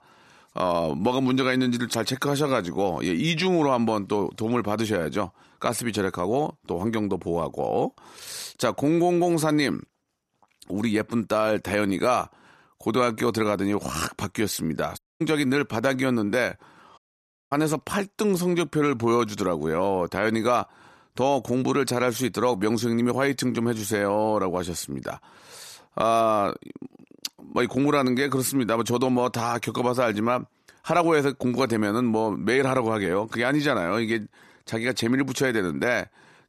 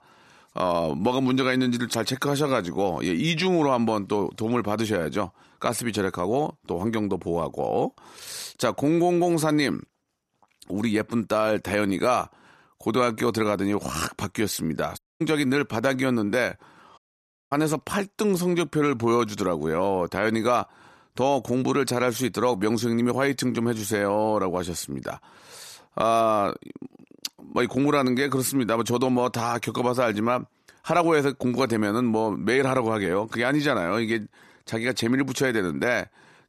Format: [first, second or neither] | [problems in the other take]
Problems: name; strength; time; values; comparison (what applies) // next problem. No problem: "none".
neither | audio cutting out; at 15 s and at 17 s for 0.5 s; the same in both